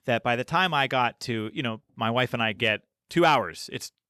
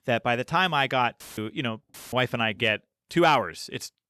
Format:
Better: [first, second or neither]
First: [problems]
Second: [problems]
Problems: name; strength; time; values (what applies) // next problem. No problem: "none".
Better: first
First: none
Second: audio cutting out; filled with static; at 1 s and at 2 s